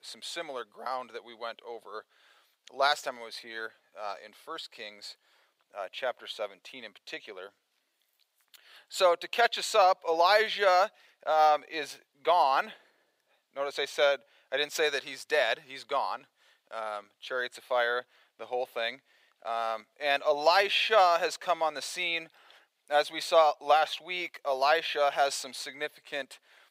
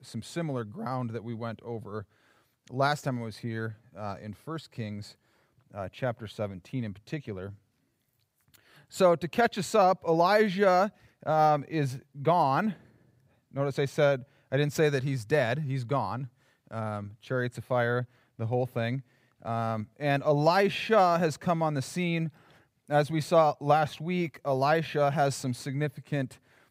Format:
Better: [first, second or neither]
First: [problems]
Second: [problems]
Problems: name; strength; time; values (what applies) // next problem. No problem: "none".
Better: second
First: thin; very; fading below 550 Hz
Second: none